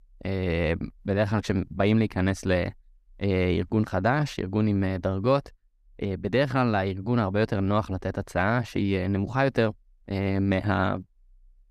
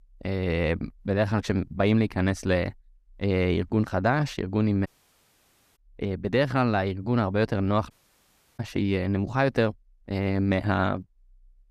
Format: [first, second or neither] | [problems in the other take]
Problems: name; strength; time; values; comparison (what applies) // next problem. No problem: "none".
first | audio cutting out; at 5 s for 1 s and at 8 s for 0.5 s